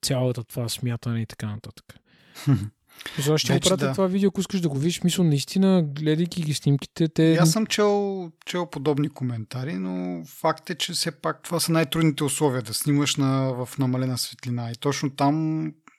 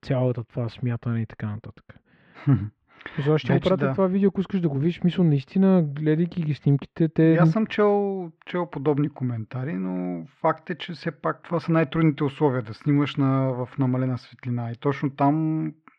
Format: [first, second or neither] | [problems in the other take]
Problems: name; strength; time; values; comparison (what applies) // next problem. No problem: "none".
first | muffled; very; fading above 2 kHz